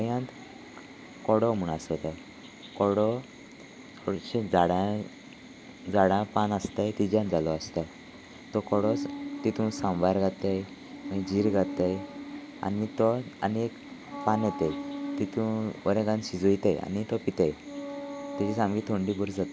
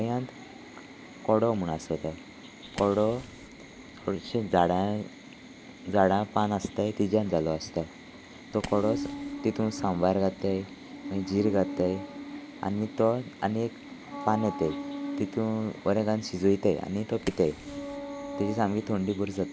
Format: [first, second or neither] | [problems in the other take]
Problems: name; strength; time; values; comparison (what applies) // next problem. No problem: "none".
first | background sound (Fire); 19 dB below the speech